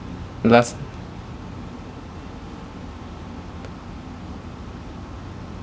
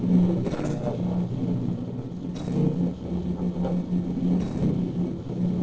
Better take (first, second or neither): first